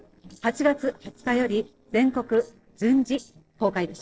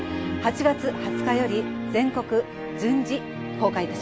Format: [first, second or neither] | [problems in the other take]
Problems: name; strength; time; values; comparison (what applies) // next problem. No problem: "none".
second | noise reduction (neural separator model SepFormer DNS4)